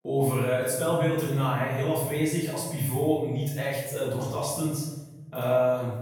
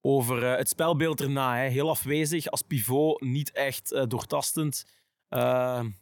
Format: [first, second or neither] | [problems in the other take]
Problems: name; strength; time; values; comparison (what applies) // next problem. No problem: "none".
second | off-mic speech; far // room echo; strong; dies away in 1.1 s